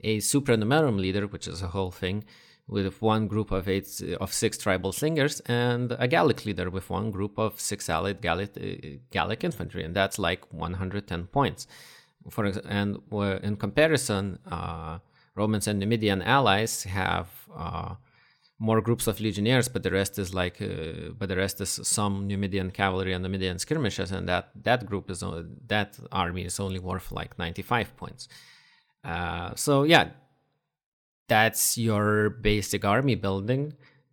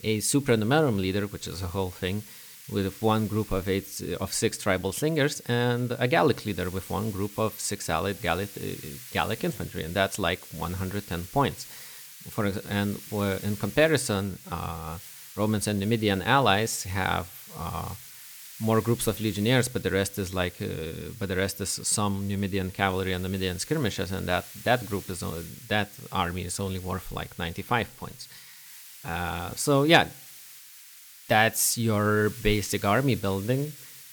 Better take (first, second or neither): first